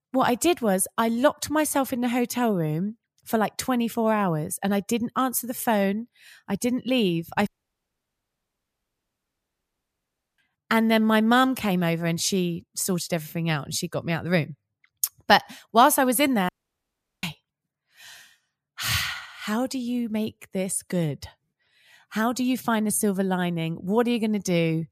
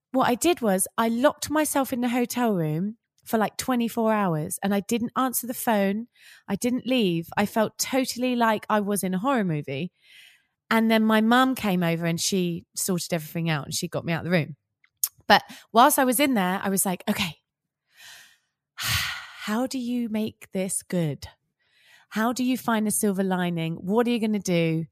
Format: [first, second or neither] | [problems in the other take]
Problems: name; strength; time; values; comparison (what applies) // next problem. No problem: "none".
second | audio cutting out; at 7.5 s for 3 s and at 16 s for 0.5 s